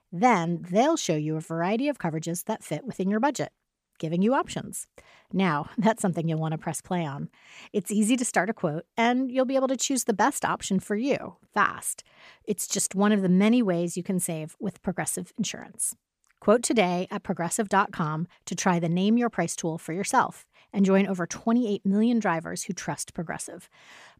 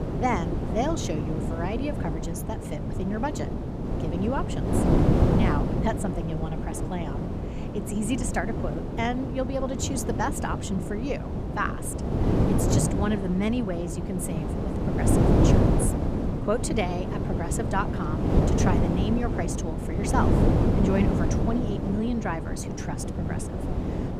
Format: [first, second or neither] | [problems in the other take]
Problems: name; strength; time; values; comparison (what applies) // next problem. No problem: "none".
first | wind noise on the microphone; heavy; as loud as the speech